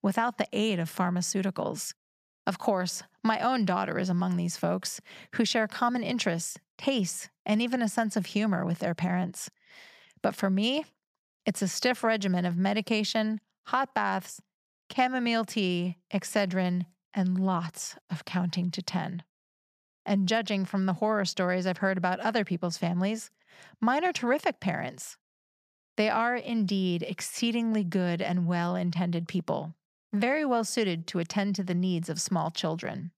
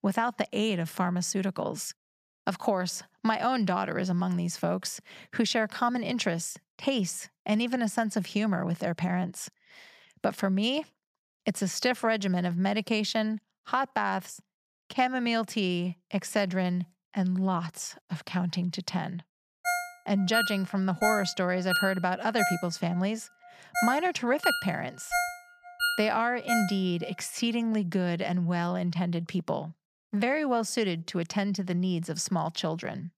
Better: first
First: none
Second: phone ringing; loud; from 20 to 27 s; peak level with the speech

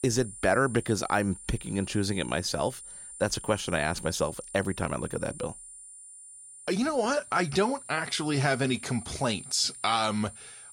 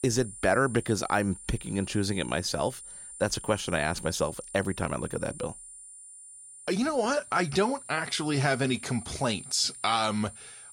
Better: neither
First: high-pitched whine; noticeable; throughout; 9.5 kHz, 15 dB below the speech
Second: high-pitched whine; noticeable; throughout; 9.5 kHz, 15 dB below the speech

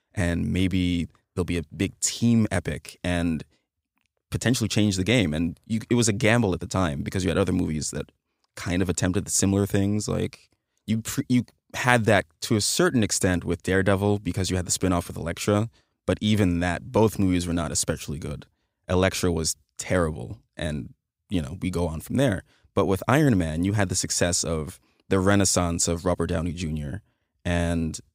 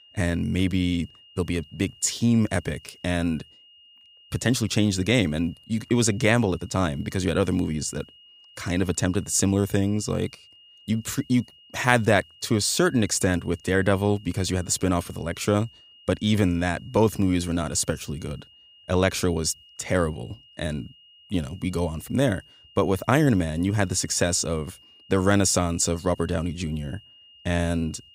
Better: first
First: none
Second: high-pitched whine; faint; throughout; 3 kHz, 25 dB below the speech

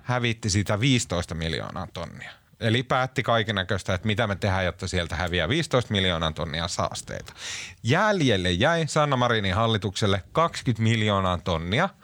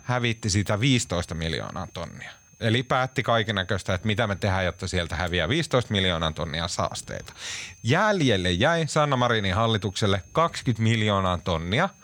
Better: first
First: none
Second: high-pitched whine; faint; throughout; 6.5 kHz, 30 dB below the speech

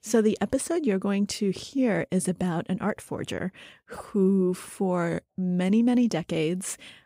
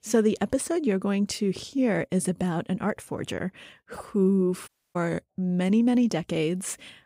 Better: first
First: none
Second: audio cutting out; at 4.5 s

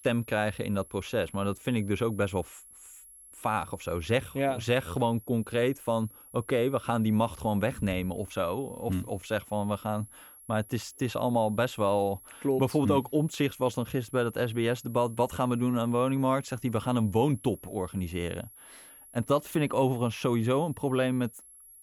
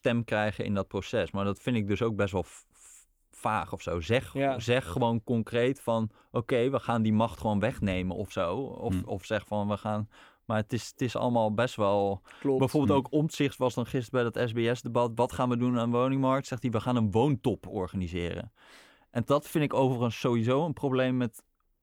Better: second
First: high-pitched whine; faint; throughout; 11 kHz, 20 dB below the speech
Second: none

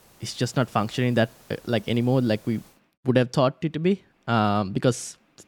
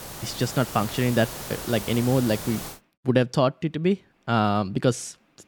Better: first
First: hiss; faint; until 2.5 s; 25 dB below the speech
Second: hiss; loud; until 2.5 s; 10 dB below the speech

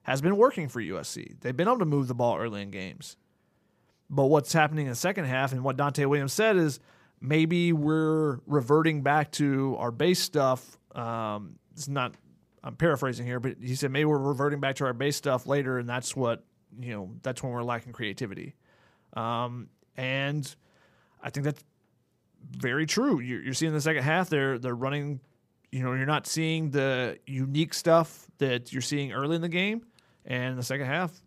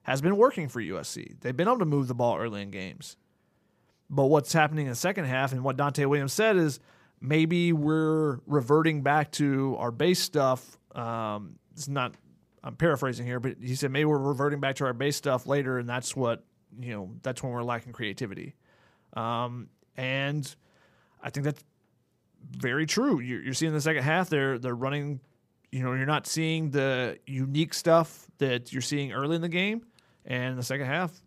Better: neither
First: none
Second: none

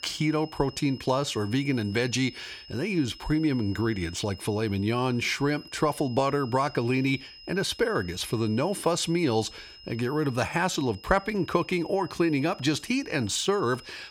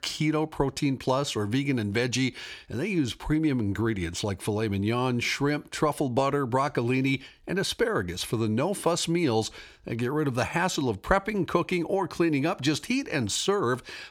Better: second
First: high-pitched whine; noticeable; throughout; 5 kHz, 20 dB below the speech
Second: none

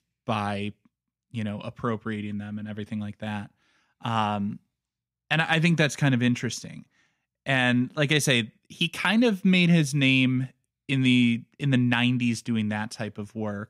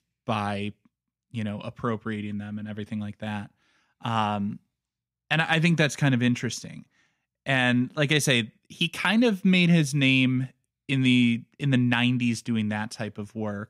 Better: neither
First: none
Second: none

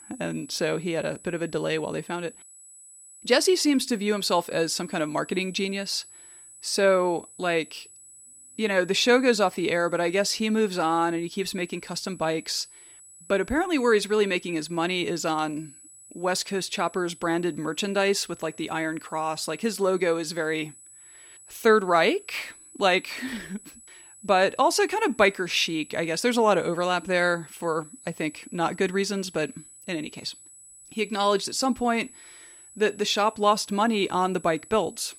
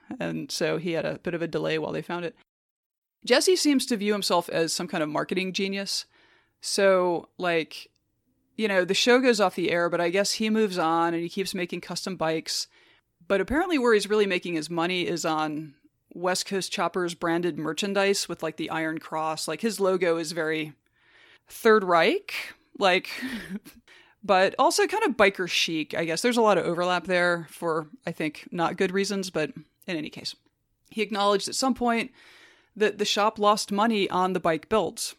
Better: second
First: high-pitched whine; faint; throughout; 8 kHz, 20 dB below the speech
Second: none

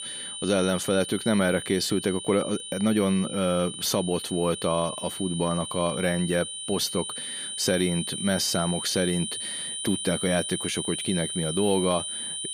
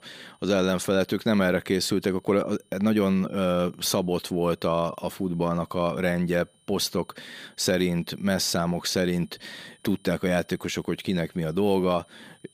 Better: second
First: high-pitched whine; loud; throughout; 3 kHz, 6 dB below the speech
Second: high-pitched whine; faint; throughout; 3 kHz, 35 dB below the speech

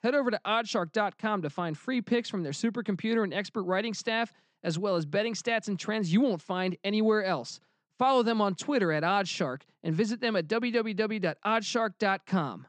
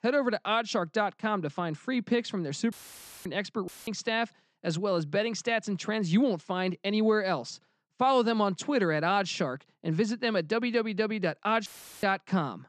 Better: first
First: none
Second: audio cutting out; filled with static; at 2.5 s for 0.5 s, at 3.5 s and at 12 s

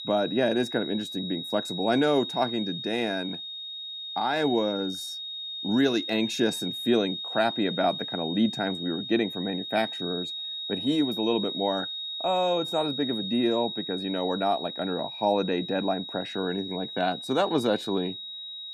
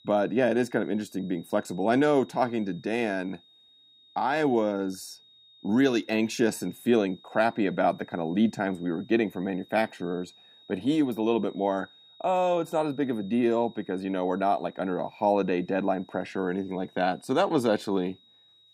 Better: second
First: high-pitched whine; loud; throughout; 3.5 kHz, 6 dB below the speech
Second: high-pitched whine; faint; throughout; 3.5 kHz, 25 dB below the speech

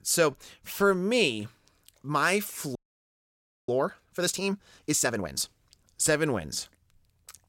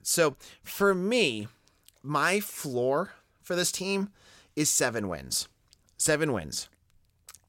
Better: second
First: audio freezing; at 3 s for 1 s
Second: none

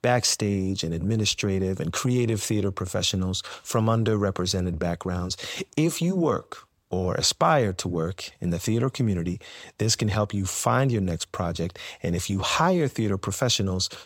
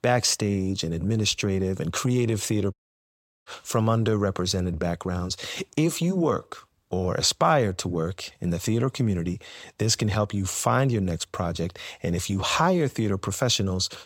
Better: first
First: none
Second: audio cutting out; at 2.5 s for 0.5 s

